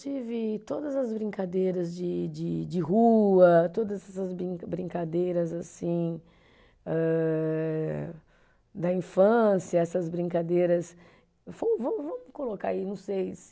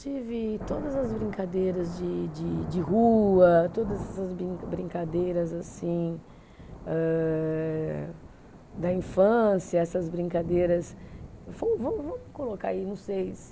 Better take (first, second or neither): first